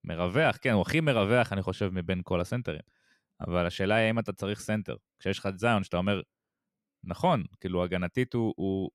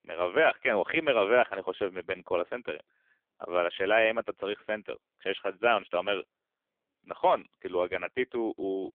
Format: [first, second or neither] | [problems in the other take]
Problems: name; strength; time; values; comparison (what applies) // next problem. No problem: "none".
first | phone-call audio; poor line; nothing above 3.5 kHz